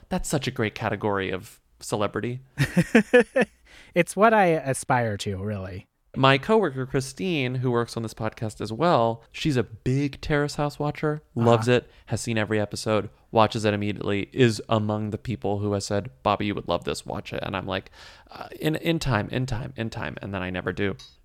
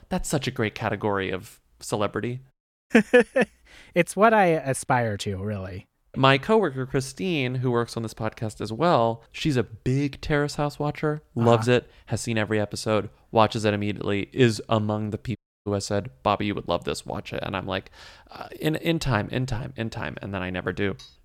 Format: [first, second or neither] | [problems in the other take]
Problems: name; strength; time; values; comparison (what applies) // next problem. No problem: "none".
first | audio cutting out; at 2.5 s and at 15 s